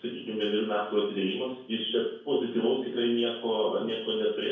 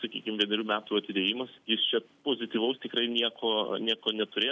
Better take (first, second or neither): second